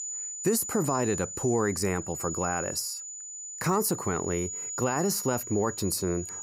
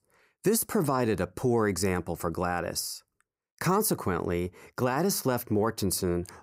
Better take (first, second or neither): second